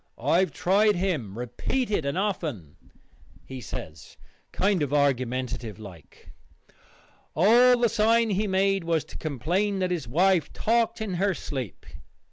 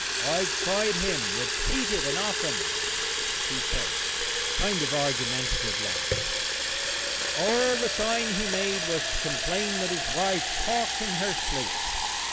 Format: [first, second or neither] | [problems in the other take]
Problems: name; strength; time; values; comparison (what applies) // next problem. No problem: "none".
first | background sound (Fill (with liquid) / Water tap, faucet); 3 dB above the speech